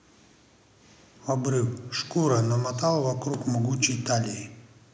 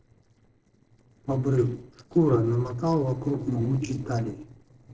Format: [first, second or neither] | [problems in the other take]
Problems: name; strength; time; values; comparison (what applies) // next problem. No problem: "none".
first | noise reduction (neural separator model SepFormer DNS4)